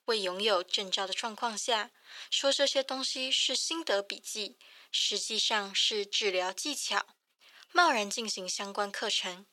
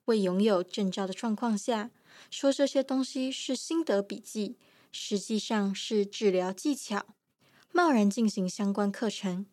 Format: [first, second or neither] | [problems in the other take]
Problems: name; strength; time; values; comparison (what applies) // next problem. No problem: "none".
second | thin; very; fading below 650 Hz